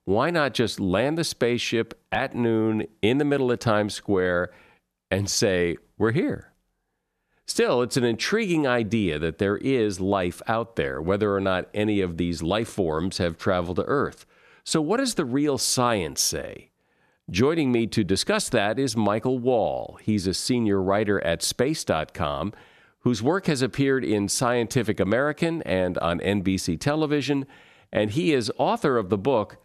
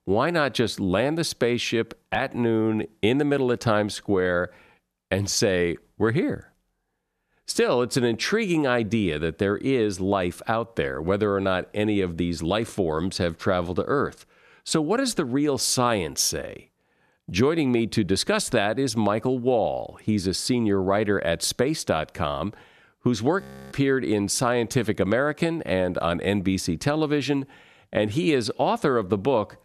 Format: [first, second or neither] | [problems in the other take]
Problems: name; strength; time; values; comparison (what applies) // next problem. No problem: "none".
first | audio freezing; at 23 s